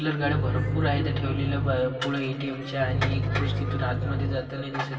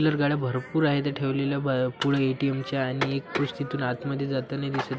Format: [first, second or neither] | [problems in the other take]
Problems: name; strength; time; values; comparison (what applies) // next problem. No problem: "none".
second | background sound (Bowed string instrument); as loud as the speech // room echo; dies away in 2.5 s